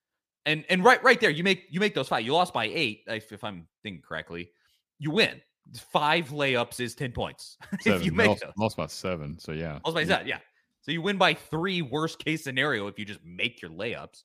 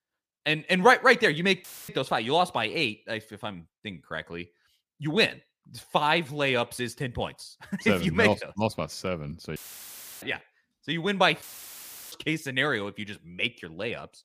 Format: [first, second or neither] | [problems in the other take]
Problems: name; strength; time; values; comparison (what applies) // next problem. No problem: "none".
first | audio cutting out; filled with static; at 1.5 s, at 9.5 s for 0.5 s and at 11 s for 0.5 s